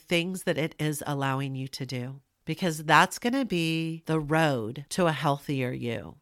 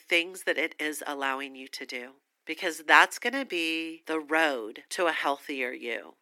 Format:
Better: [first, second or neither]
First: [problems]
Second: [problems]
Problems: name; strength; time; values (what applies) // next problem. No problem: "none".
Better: first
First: none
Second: thin; somewhat; fading below 300 Hz